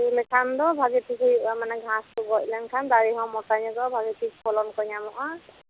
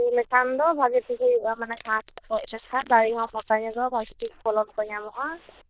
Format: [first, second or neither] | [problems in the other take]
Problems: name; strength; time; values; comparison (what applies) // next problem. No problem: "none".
first | noise reduction (neural diffusion model UNIVERSE++)